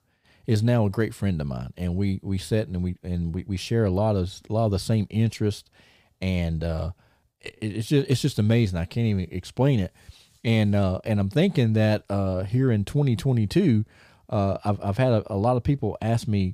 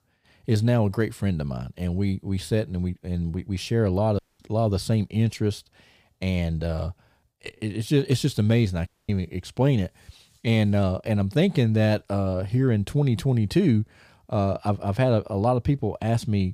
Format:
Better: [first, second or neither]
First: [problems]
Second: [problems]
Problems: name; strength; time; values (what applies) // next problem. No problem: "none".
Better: first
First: none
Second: audio cutting out; at 4 s and at 9 s